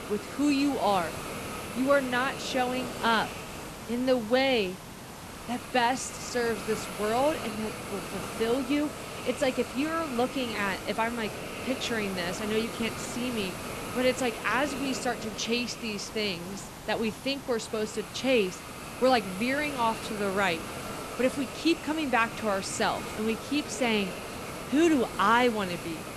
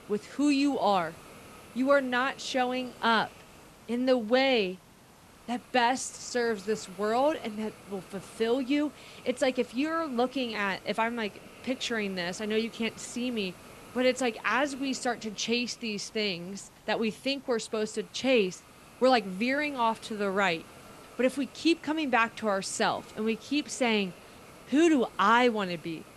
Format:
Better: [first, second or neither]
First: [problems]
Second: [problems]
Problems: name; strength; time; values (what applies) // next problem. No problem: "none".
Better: second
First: hiss; loud; throughout; 9 dB below the speech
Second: hiss; faint; throughout; 20 dB below the speech